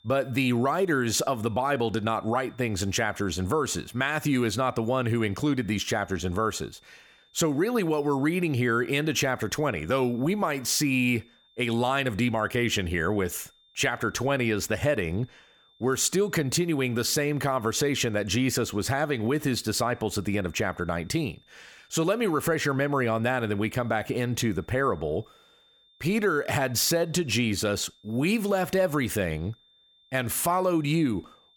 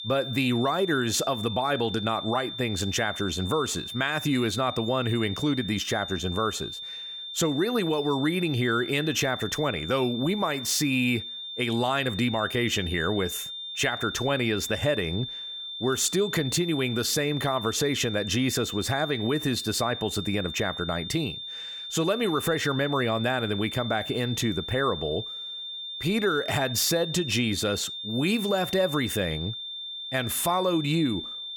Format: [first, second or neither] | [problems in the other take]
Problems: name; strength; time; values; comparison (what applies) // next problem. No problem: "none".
first | high-pitched whine; loud; throughout; 3.5 kHz, 7 dB below the speech; faint in the first